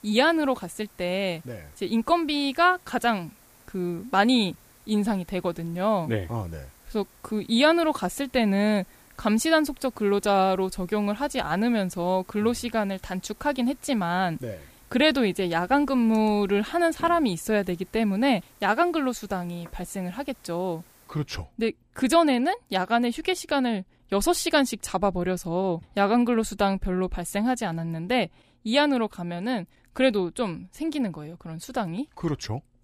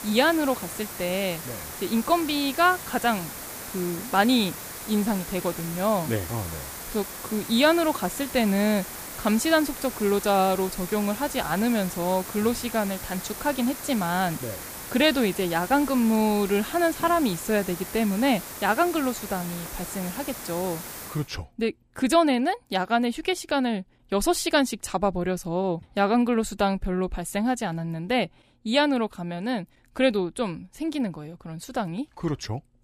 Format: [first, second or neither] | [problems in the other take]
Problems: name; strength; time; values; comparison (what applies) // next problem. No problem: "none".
first | hiss; loud; until 21 s; 10 dB below the speech; faint in the first